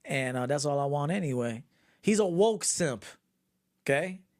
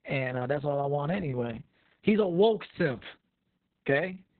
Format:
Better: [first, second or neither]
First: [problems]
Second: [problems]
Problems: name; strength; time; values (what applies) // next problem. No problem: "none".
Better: first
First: none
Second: garbled, watery; badly; nothing above 4 kHz